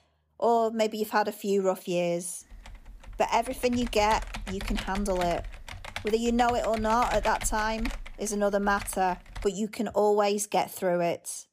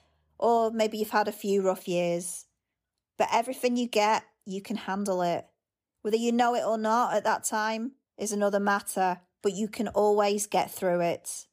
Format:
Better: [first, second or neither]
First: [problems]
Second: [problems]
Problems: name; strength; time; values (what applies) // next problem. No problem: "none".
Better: second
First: keyboard typing; noticeable; from 2.5 to 9.5 s; peak 8 dB below the speech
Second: none